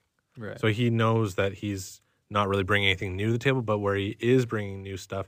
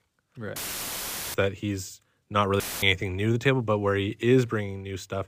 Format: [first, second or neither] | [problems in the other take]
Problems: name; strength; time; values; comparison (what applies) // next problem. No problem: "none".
first | audio cutting out; filled with static; at 0.5 s for 1 s and at 2.5 s